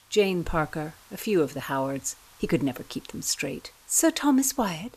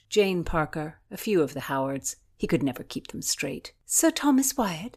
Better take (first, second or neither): second